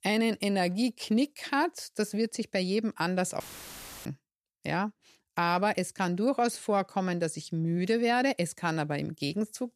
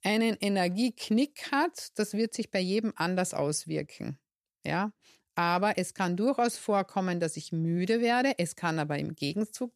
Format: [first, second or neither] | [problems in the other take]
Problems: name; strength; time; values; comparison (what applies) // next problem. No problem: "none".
second | audio cutting out; filled with static; at 3.5 s for 0.5 s